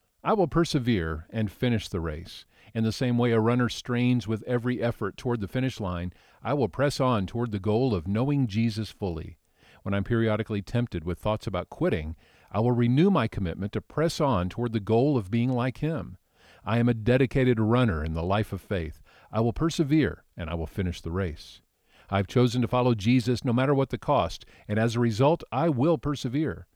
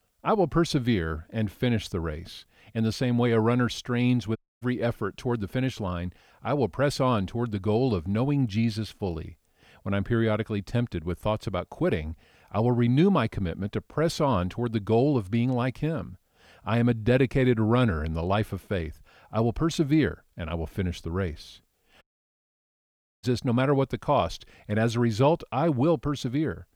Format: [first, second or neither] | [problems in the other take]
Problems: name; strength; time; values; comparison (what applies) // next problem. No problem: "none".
first | audio cutting out; at 4.5 s and at 22 s for 1 s